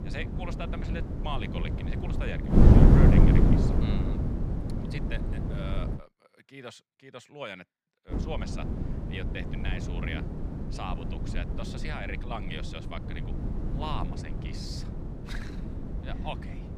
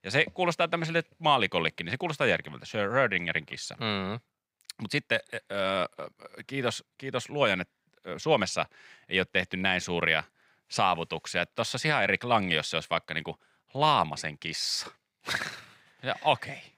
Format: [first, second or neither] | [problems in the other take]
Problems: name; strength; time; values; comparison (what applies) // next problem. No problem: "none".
second | wind noise on the microphone; heavy; until 6 s and from 8 s on; 3 dB above the speech